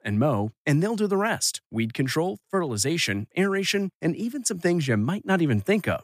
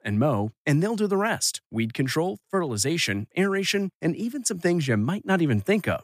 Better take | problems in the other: neither | none

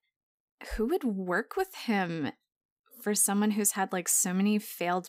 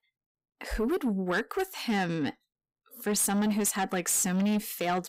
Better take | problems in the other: first | distortion; slight; 10 dB below the speech

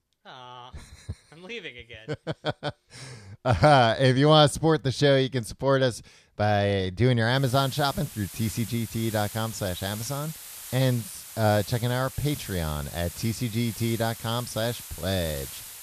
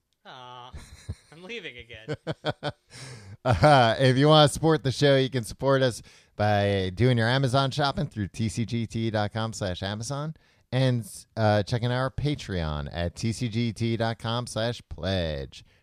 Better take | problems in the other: second | hiss; noticeable; from 7.5 s on; 15 dB below the speech

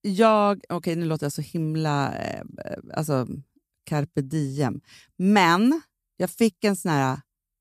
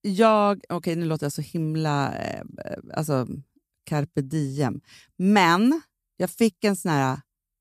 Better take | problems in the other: neither | none

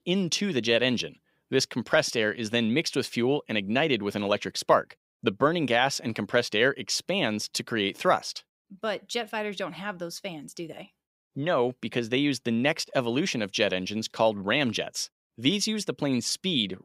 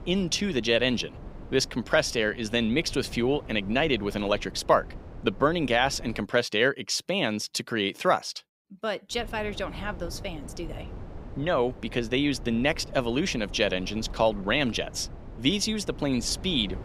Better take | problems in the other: first | low rumble; faint; until 6 s and from 9 s on; 20 dB below the speech

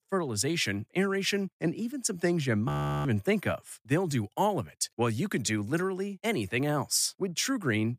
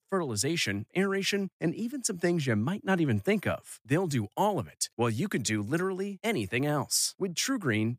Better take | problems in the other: second | audio freezing; at 2.5 s

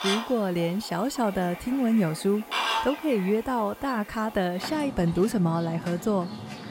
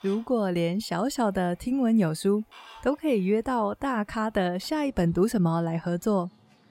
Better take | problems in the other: second | animal sounds; loud; throughout; 9 dB below the speech; faint in the second

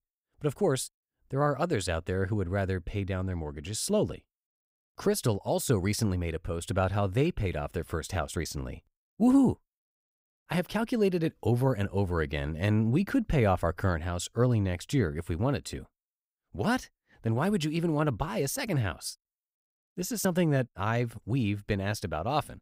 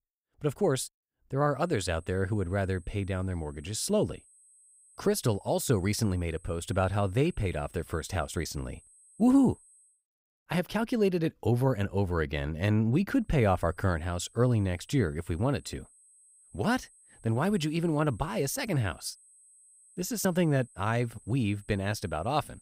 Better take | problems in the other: first | high-pitched whine; faint; from 1.5 to 10 s and from 13 s on; 8 kHz, 25 dB below the speech

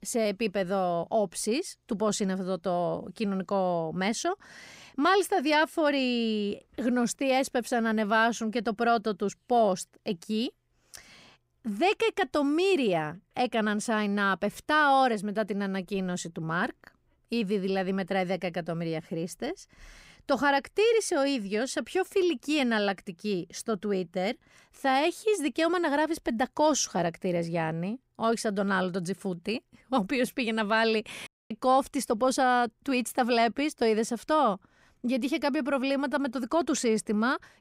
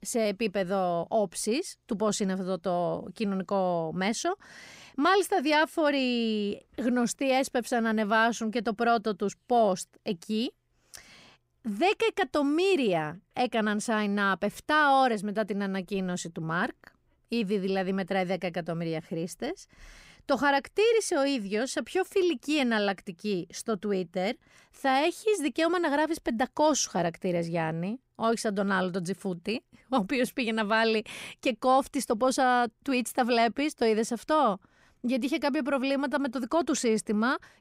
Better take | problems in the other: second | audio cutting out; at 31 s

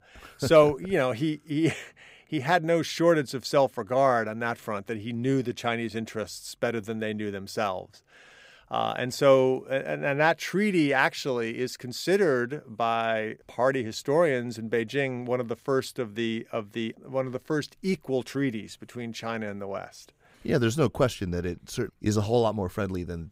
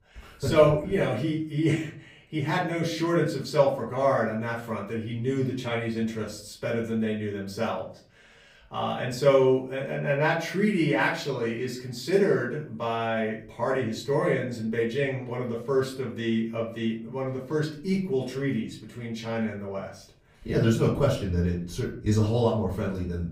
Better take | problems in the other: first | room echo; slight; dies away in 0.5 s // off-mic speech; far

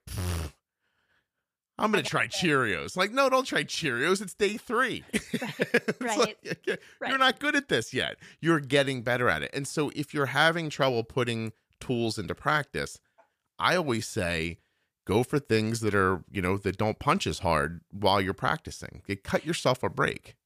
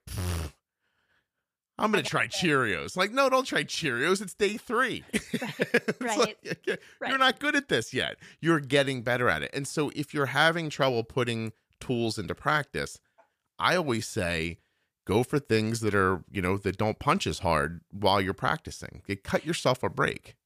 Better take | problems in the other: neither | none

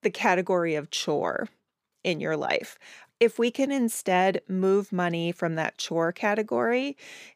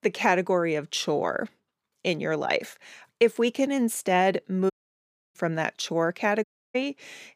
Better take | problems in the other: first | audio cutting out; at 4.5 s for 0.5 s and at 6.5 s

